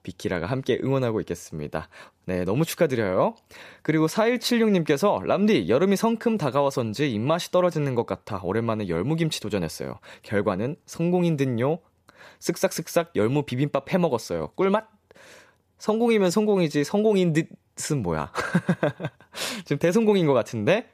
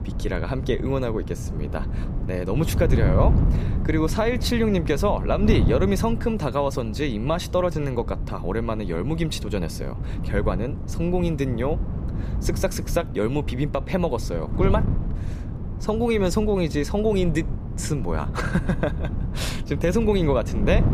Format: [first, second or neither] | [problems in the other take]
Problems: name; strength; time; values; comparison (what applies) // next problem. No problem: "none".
first | wind noise on the microphone; occasional gusts; 10 dB below the speech